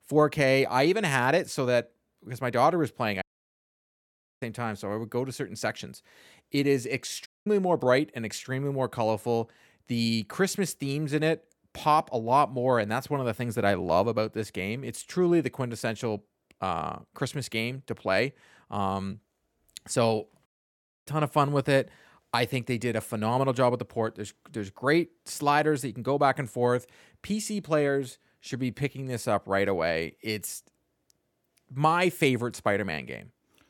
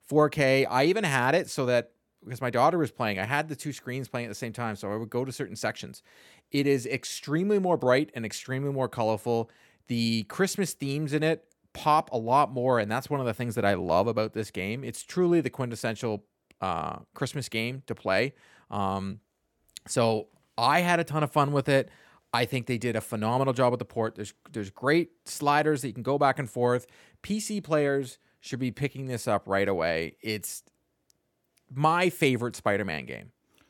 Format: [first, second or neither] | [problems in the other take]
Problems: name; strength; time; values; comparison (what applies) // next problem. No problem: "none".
second | audio cutting out; at 3 s for 1 s, at 7.5 s and at 20 s for 0.5 s